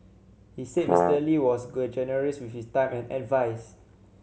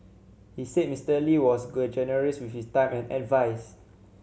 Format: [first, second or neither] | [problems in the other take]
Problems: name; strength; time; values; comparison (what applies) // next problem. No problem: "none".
second | background sound (Brass instrument); 3 dB above the speech